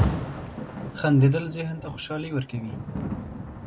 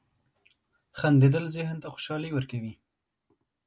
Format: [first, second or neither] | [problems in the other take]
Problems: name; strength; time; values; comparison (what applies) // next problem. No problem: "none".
second | background sound (Rain); 4 dB below the speech